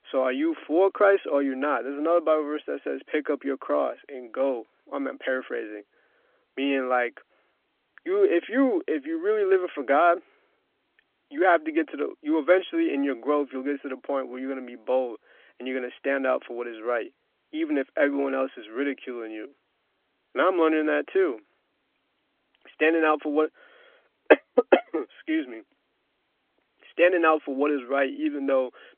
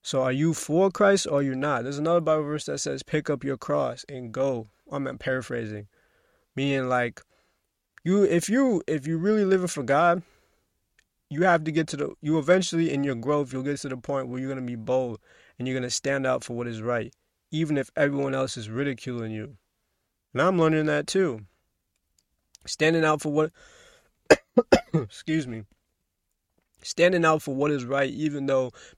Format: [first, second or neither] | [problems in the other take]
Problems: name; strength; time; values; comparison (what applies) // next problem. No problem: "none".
second | phone-call audio; nothing above 3.5 kHz